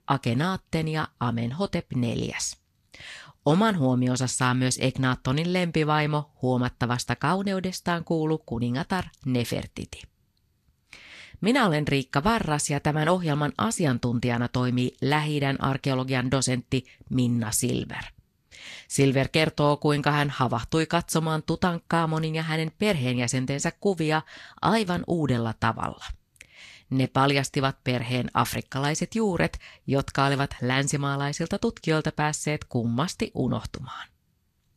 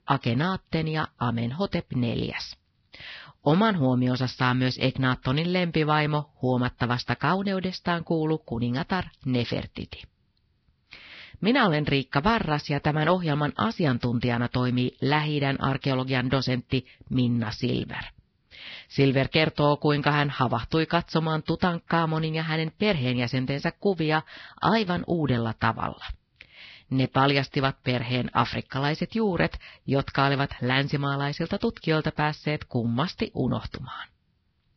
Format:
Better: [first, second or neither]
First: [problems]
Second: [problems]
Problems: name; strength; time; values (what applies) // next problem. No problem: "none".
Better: first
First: garbled, watery; slightly; nothing above 13.5 kHz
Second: garbled, watery; badly; nothing above 5.5 kHz